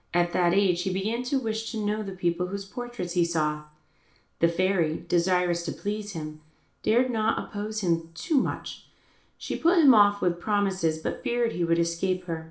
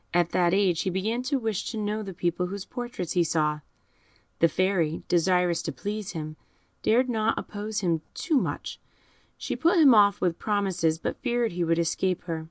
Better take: second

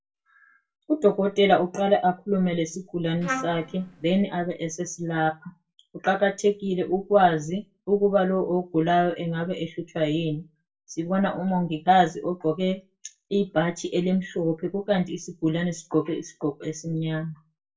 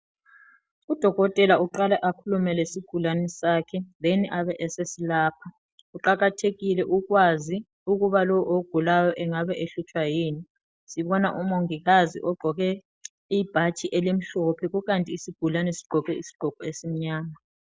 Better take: second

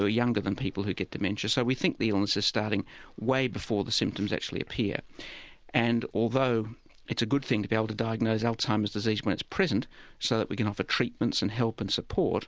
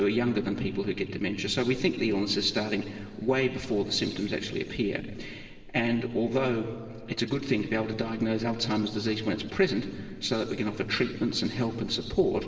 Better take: first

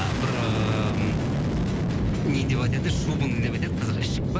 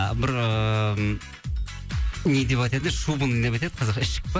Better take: second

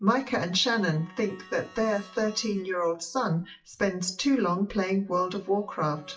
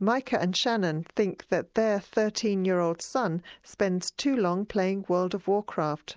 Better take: second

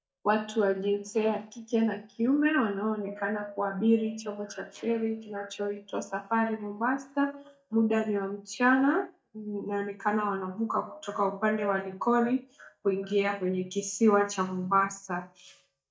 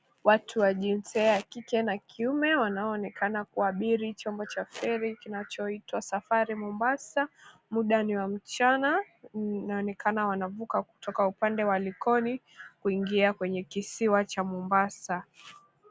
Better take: second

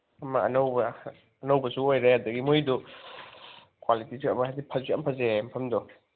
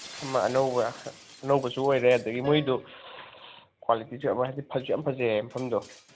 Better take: first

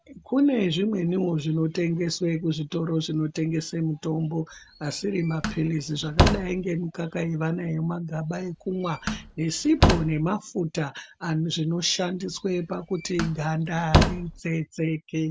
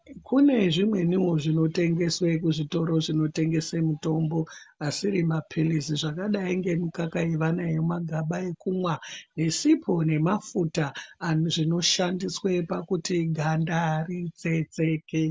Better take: second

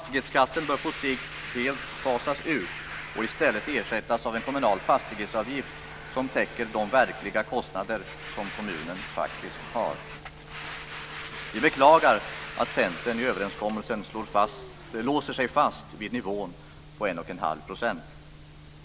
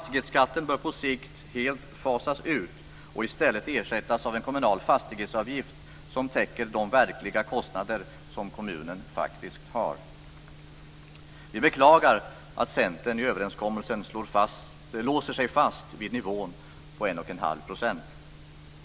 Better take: second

